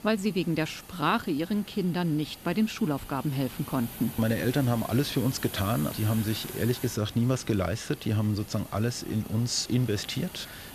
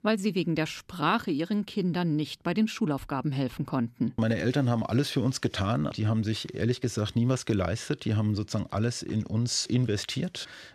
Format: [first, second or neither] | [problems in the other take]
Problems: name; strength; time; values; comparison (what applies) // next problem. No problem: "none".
second | hiss; noticeable; throughout; 15 dB below the speech